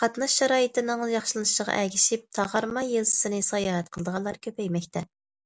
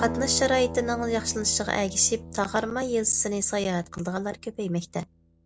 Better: first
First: none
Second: background sound (Acoustic guitar); 12 dB below the speech

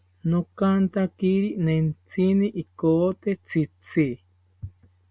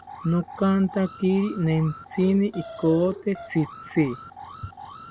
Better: first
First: none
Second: background sound (Alarm); 16 dB below the speech

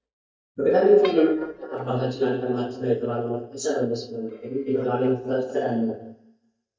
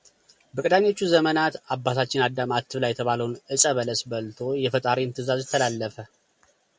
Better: second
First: noise reduction (neural mask model DeepFilterNet 3)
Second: none

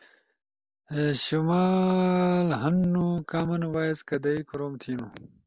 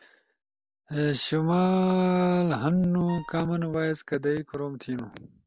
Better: first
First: none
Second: background sound (Wind instrument, woodwind instrument); 18 dB below the speech

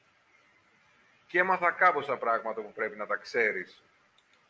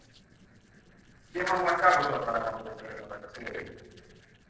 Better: first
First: none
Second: noise reduction (neural separator model SepFormer DNS4)

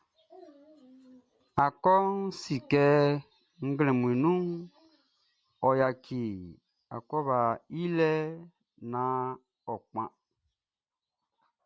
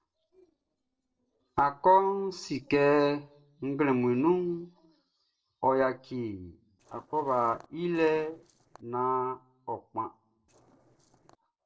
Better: first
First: none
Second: noise reduction (neural separator model SepFormer DNS4)

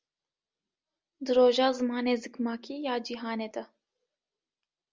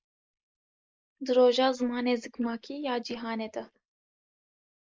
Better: first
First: none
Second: noise reduction (neural mask model Resemble Enhance denoiser)

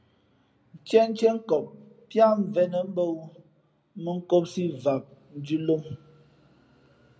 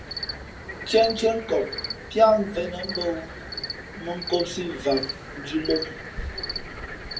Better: first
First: none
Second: background sound (Cricket); 8 dB below the speech // room echo; dies away in 0.2 s

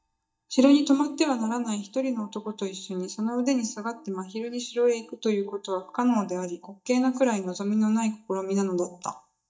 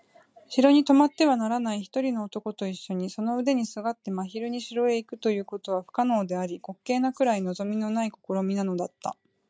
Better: second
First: noise reduction (neural mask model DeepFilterNet 3)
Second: none

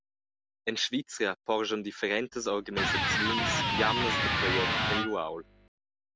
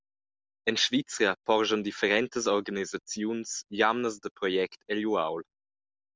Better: second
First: background sound (Electric guitar); 4 dB above the speech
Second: none

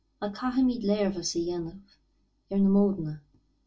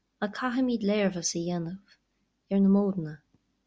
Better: second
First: room echo; dies away in 0.2 s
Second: none

